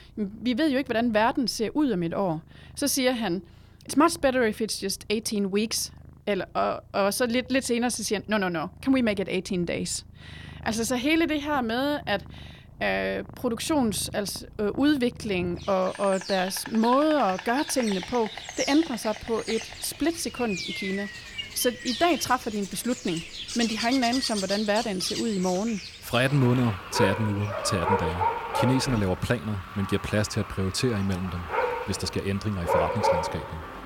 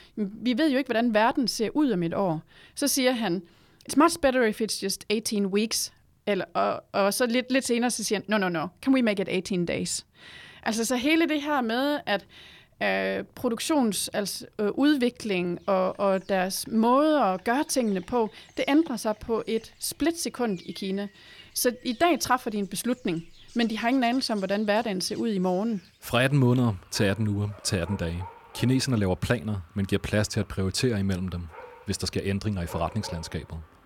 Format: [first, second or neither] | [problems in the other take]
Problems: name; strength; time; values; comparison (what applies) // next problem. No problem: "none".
second | animal sounds; loud; throughout; 6 dB below the speech; faint in the second